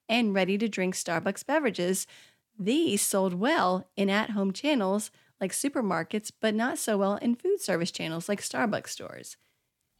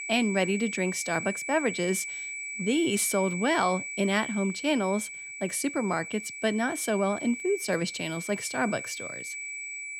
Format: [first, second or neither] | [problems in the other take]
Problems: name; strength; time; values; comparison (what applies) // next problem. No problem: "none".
first | high-pitched whine; loud; throughout; 2.5 kHz, 7 dB below the speech